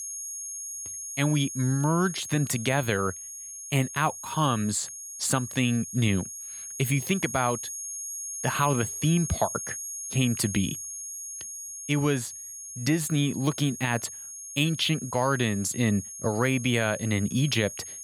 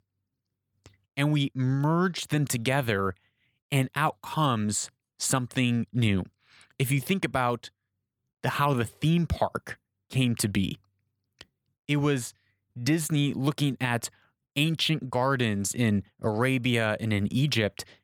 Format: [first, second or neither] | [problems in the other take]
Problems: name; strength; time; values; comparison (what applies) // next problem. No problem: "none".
second | high-pitched whine; loud; throughout; 6.5 kHz, 8 dB below the speech